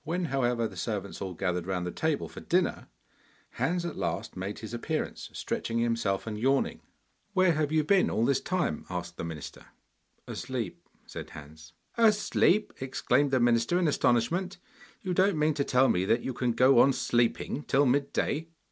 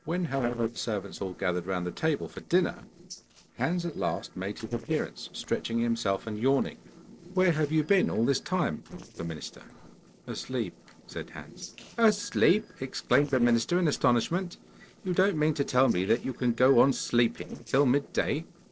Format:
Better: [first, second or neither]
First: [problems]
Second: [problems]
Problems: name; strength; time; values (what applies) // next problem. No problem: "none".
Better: first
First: none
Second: noise reduction (neural separator model SepFormer DNS4)